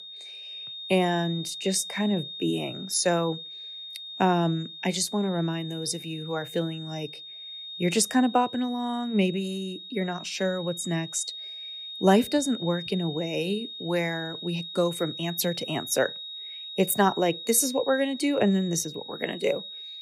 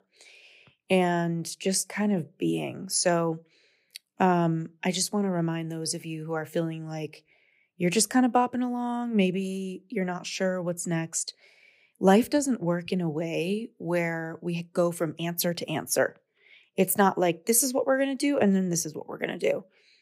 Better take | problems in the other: second | high-pitched whine; noticeable; throughout; 3.5 kHz, 10 dB below the speech

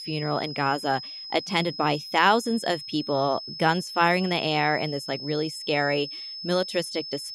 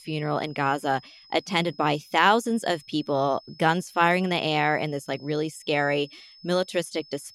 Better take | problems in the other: second | high-pitched whine; loud; throughout; 5 kHz, 10 dB below the speech; faint in the second

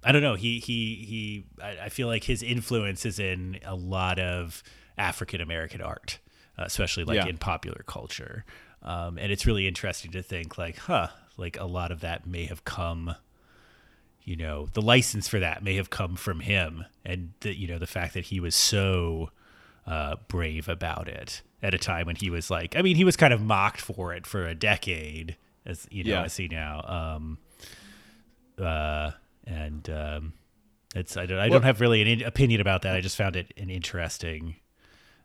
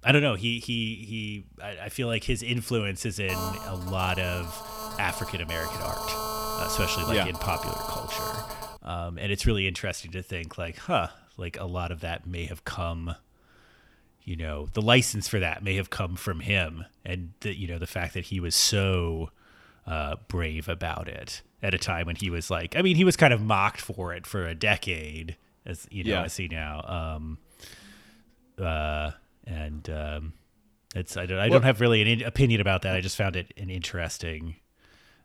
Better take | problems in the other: first | phone ringing; noticeable; from 3.5 to 9 s; peak 3 dB below the speech

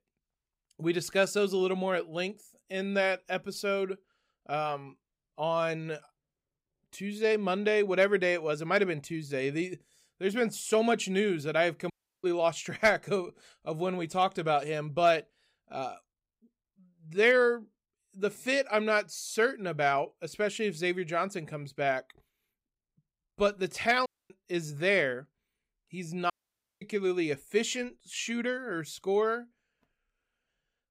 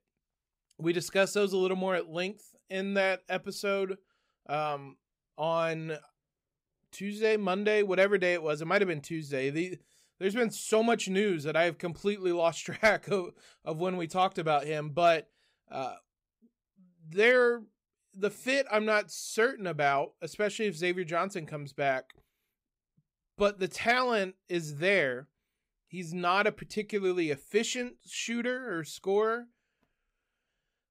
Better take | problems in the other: second | audio cutting out; at 12 s, at 24 s and at 26 s for 0.5 s

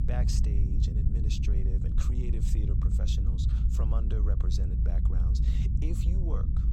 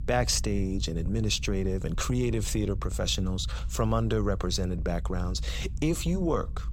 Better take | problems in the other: second | low rumble; loud; throughout; as loud as the speech; faint in the second

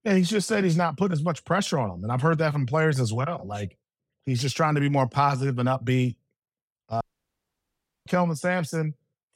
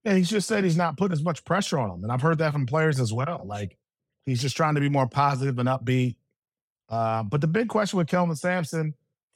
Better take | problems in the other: second | audio cutting out; at 7 s for 1 s

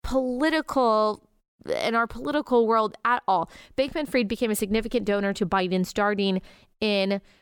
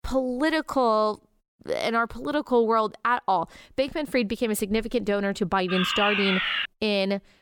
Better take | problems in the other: first | alarm; loud; at 5.5 s; peak 1 dB above the speech

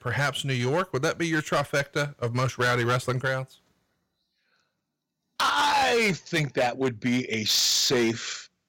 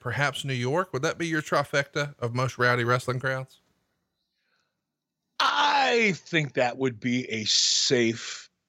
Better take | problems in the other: second | distortion; slight; 8% of the sound clipped

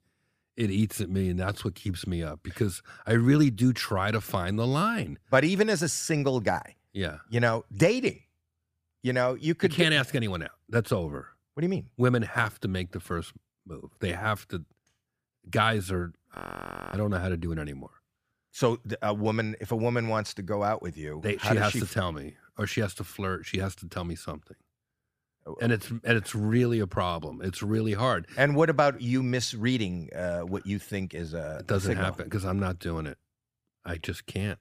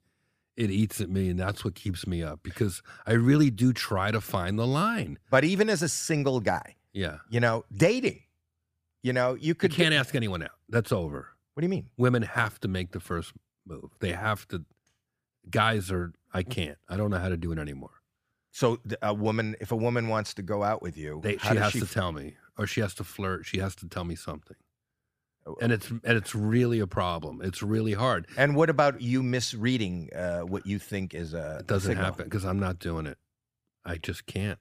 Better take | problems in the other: second | audio freezing; at 16 s for 0.5 s

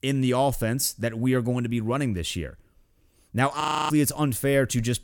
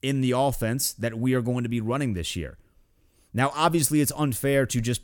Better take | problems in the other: second | audio freezing; at 3.5 s

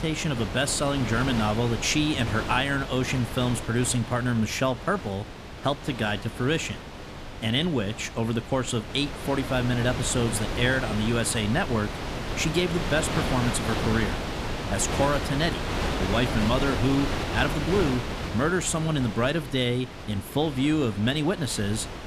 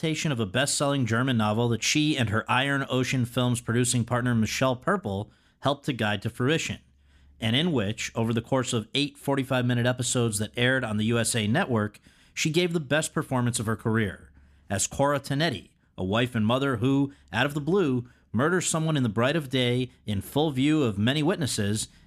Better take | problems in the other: second | wind noise on the microphone; heavy; 6 dB below the speech

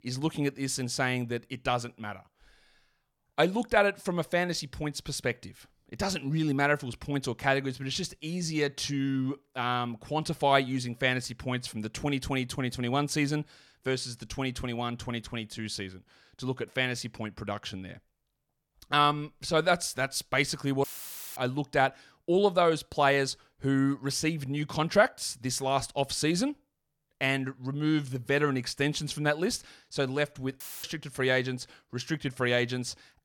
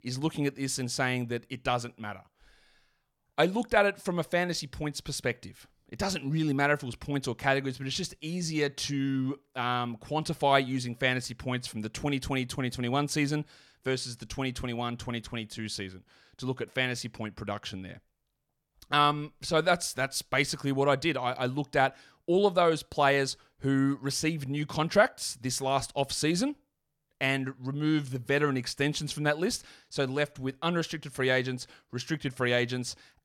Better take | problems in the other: second | audio cutting out; filled with static; at 21 s for 0.5 s and at 31 s

